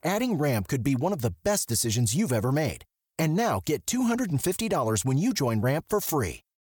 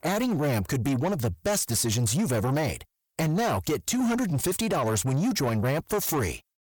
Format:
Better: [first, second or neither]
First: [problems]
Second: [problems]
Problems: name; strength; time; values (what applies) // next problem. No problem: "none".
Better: first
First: none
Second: distortion; slight; 10 dB below the speech